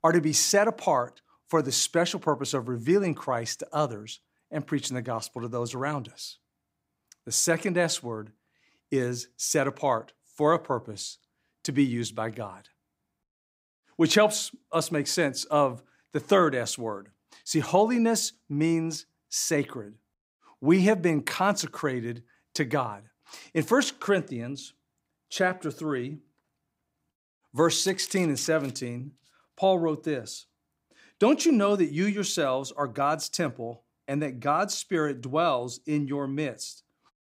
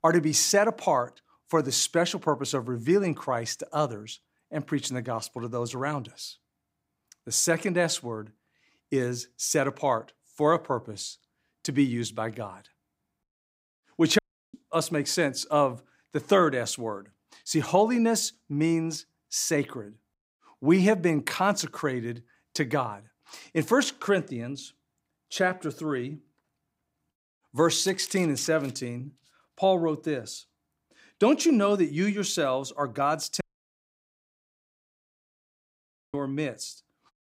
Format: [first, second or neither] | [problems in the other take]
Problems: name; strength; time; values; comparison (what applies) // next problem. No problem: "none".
first | audio cutting out; at 14 s and at 33 s for 2.5 s